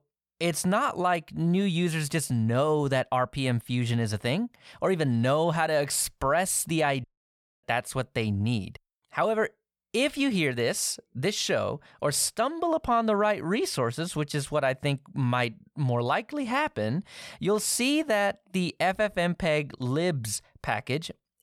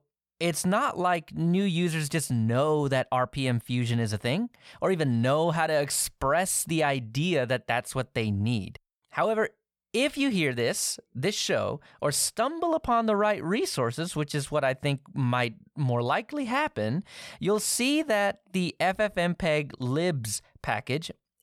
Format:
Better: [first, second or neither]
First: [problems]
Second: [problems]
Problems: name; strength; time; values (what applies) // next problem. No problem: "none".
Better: second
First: audio cutting out; at 7 s for 0.5 s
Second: none